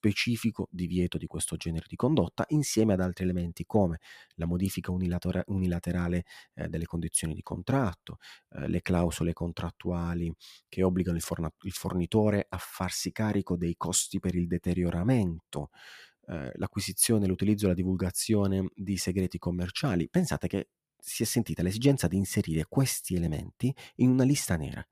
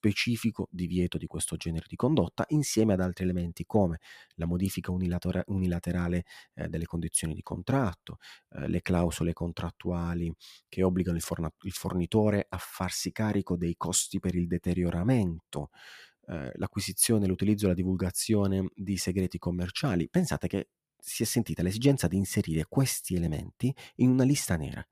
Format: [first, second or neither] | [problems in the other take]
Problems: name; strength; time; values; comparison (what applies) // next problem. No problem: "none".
neither | none